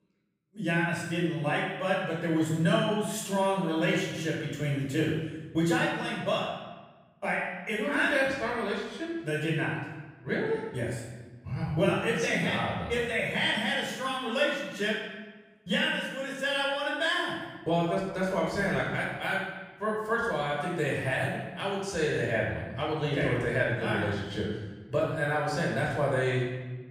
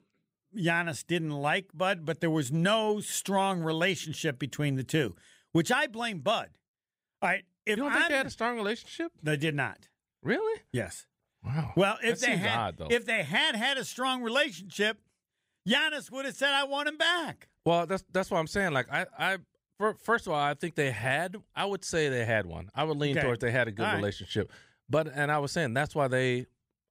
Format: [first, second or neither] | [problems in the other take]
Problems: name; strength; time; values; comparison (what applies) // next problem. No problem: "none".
second | room echo; noticeable; dies away in 1.1 s // off-mic speech; far